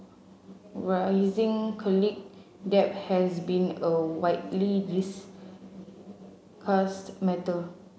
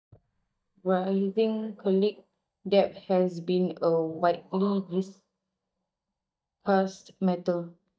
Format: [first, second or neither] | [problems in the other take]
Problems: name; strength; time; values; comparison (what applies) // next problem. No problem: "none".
first | noise reduction (neural mask model DeepFilterNet 3)